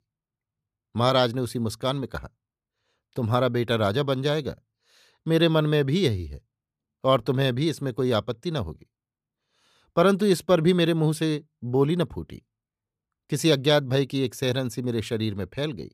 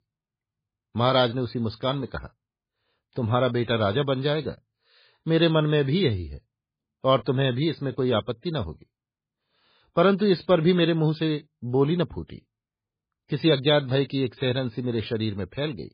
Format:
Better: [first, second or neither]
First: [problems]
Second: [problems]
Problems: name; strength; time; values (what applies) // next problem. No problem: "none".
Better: first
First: none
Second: garbled, watery; badly